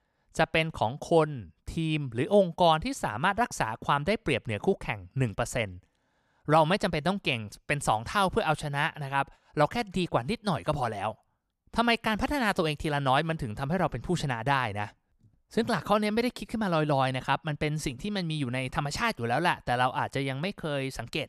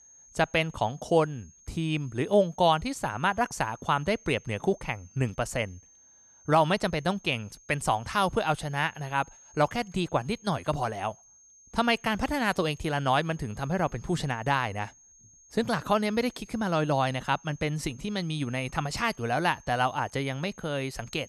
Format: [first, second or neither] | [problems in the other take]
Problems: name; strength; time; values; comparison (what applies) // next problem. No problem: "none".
first | high-pitched whine; faint; throughout; 6.5 kHz, 25 dB below the speech